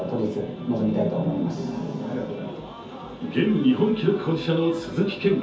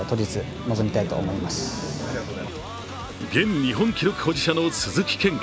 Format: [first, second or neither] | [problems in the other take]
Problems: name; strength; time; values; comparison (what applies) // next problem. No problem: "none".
second | room echo; dies away in 0.5 s